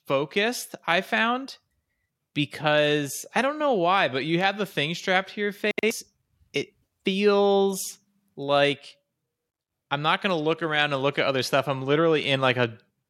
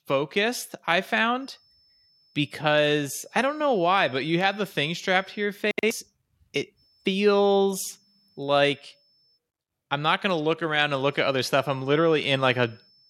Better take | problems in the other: first | high-pitched whine; faint; from 1.5 to 5.5 s, from 7 to 9.5 s and from 11 s on; 5.5 kHz, 35 dB below the speech

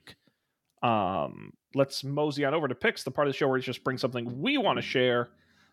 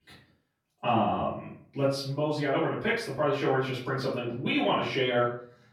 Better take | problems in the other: first | off-mic speech; far // room echo; noticeable; dies away in 0.4 s

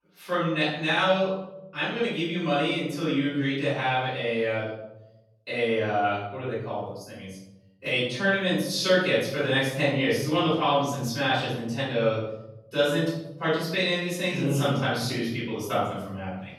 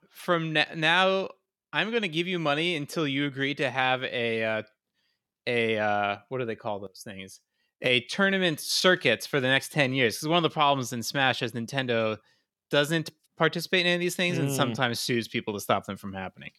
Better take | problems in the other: second | off-mic speech; far // room echo; noticeable; dies away in 1 s

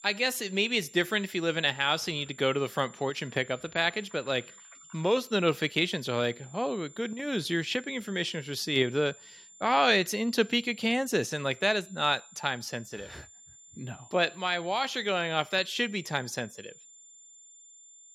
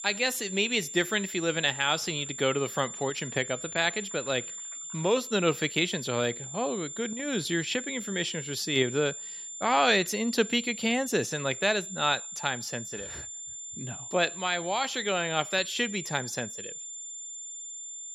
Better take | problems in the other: first | high-pitched whine; loud; throughout; 7 kHz, 9 dB below the speech; faint in the first

